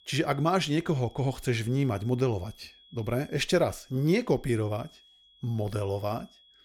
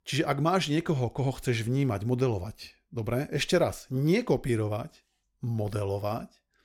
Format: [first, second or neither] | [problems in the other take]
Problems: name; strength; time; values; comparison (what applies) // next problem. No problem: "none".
second | high-pitched whine; faint; throughout; 3.5 kHz, 25 dB below the speech